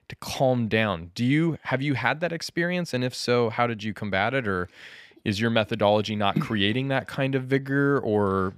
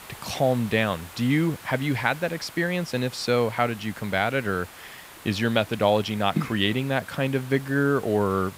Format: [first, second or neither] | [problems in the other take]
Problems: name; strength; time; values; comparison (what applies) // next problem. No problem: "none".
first | hiss; noticeable; throughout; 20 dB below the speech